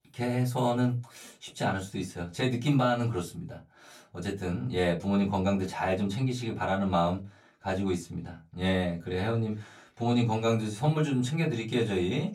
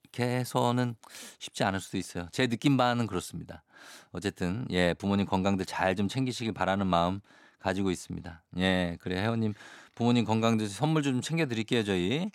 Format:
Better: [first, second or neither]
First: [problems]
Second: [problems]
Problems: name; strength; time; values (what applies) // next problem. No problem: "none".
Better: second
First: off-mic speech; far // room echo; very slight; dies away in 0.2 s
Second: none